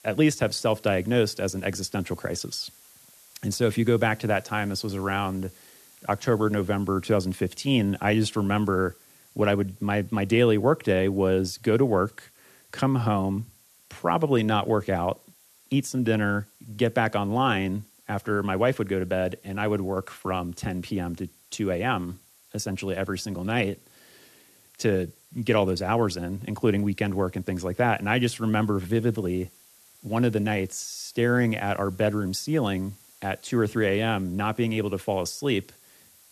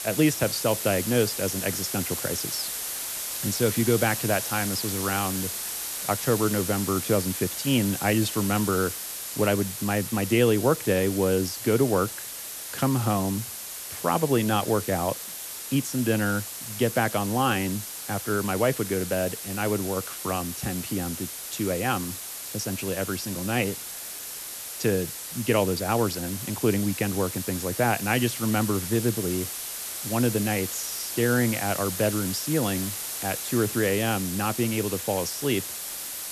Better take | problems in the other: first | hiss; loud; throughout; 5 dB below the speech; faint in the first

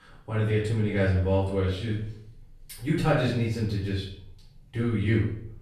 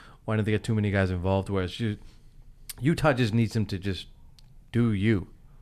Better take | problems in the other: second | off-mic speech; far // room echo; noticeable; dies away in 0.5 s

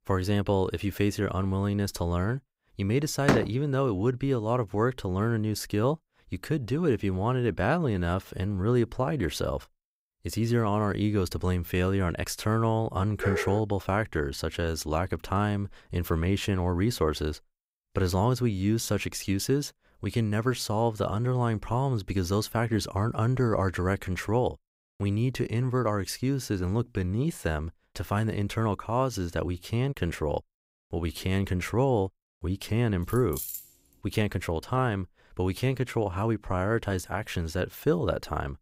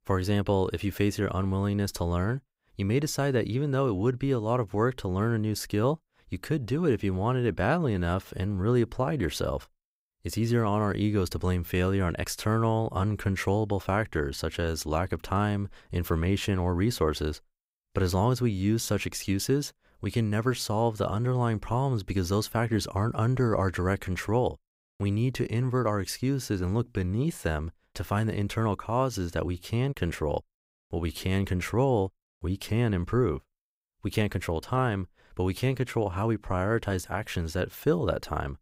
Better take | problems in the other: second | door banging; loud; at 3.5 s; peak 1 dB above the speech // dog barking; noticeable; at 13 s; peak 3 dB below the speech // jangling keys; noticeable; at 33 s; peak 6 dB below the speech

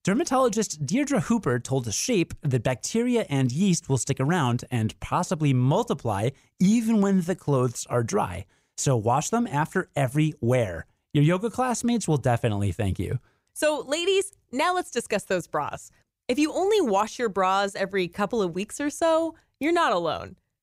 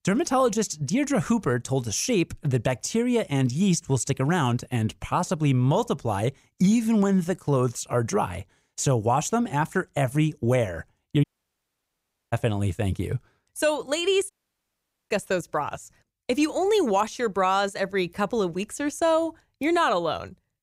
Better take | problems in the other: first | audio cutting out; at 11 s for 1 s and at 14 s for 1 s

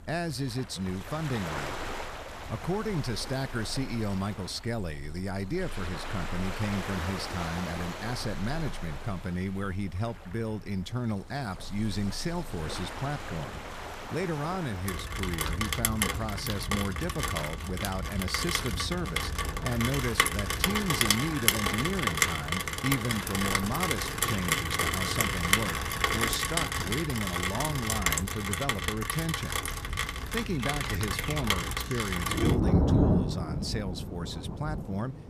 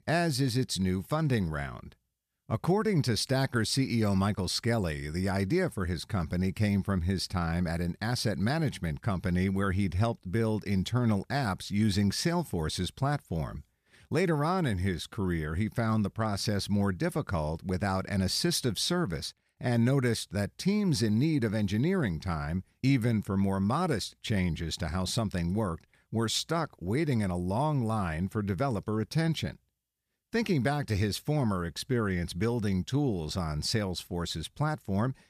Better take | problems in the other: second | rain or running water; very loud; throughout; 3 dB above the speech

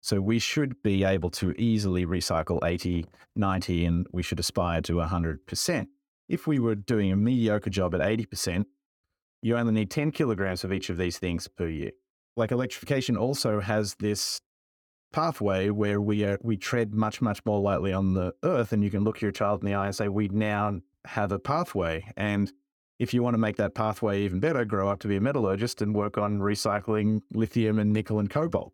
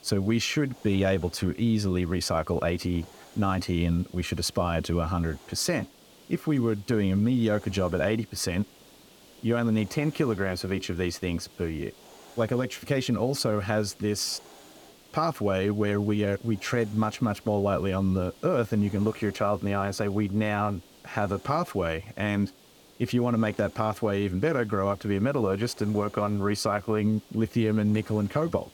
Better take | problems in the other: first | hiss; faint; throughout; 25 dB below the speech

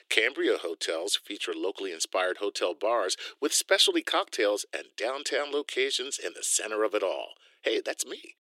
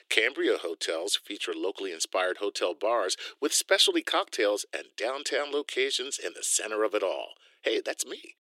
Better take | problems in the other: neither | thin; very; fading below 350 Hz; the same in both

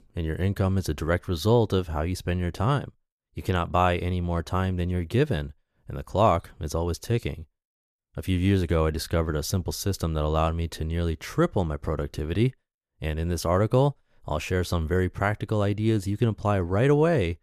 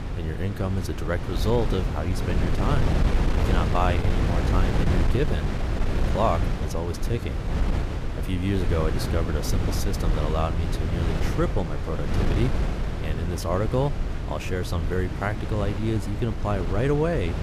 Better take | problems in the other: first | wind noise on the microphone; heavy; 4 dB below the speech

